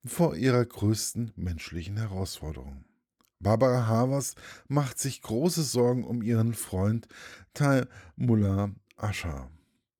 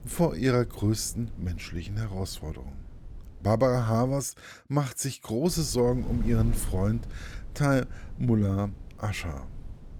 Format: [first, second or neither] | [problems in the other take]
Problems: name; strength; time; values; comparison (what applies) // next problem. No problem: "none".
first | wind noise on the microphone; occasional gusts; until 4 s and from 5.5 s on; 20 dB below the speech